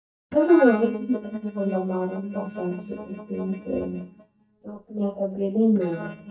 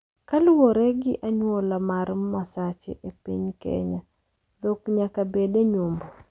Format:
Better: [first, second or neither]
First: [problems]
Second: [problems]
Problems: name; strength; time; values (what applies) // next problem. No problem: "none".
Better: second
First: noise reduction (neural mask model DeepFilterNet 3)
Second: none